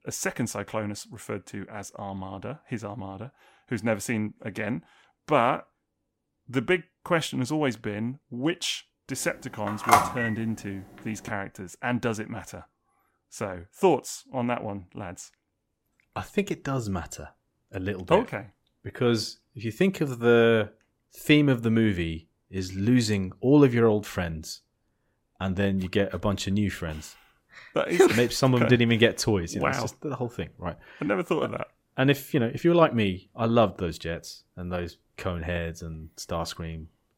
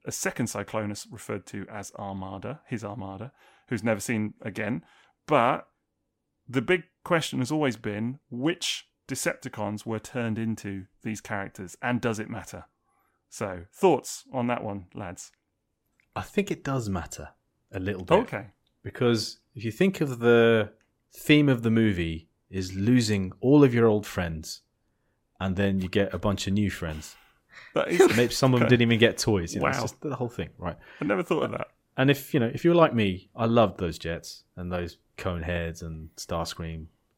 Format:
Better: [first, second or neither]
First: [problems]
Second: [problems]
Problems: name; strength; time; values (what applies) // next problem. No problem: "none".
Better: second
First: phone ringing; loud; at 10 s; peak 5 dB above the speech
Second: none